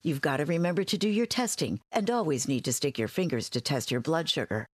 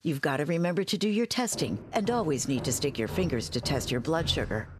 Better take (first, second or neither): first